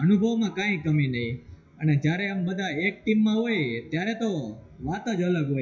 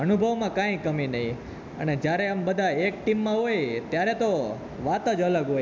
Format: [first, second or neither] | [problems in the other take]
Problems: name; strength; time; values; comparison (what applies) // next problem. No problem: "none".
second | noise reduction (classical method WPE with log-MMSE)